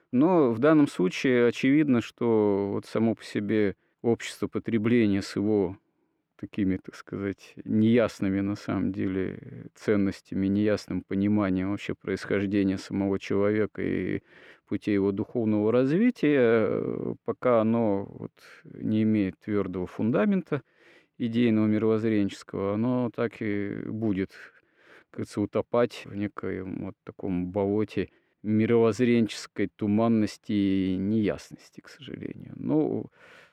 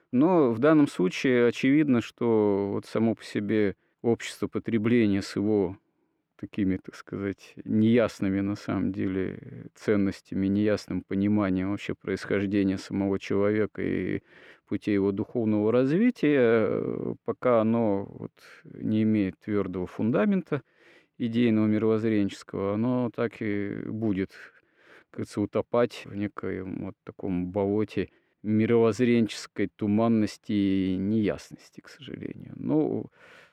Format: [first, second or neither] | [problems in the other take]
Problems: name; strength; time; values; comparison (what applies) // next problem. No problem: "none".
neither | muffled; slightly; fading above 3.5 kHz; the same in both